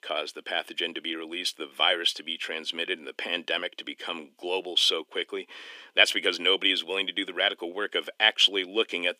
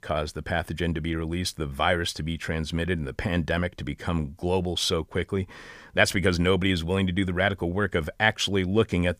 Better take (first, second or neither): second